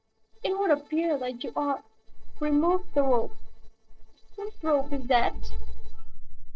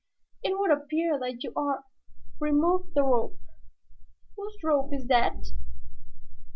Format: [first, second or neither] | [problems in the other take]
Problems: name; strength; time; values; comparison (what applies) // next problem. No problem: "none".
second | noise reduction (neural separator model SepFormer DNS4)